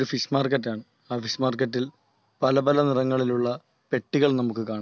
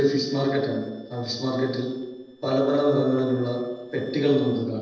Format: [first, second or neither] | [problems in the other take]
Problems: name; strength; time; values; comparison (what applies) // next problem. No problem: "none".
first | noise reduction (neural separator model SepFormer DNS4)